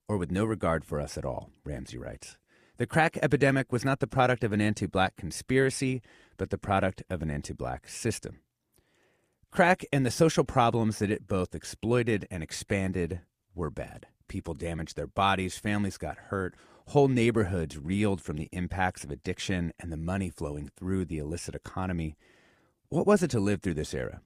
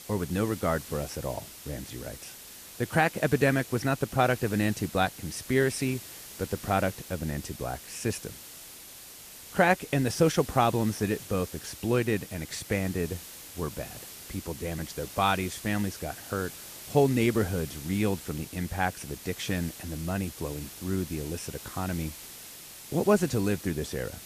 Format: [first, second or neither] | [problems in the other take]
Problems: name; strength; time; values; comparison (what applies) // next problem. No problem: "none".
first | hiss; noticeable; throughout; 15 dB below the speech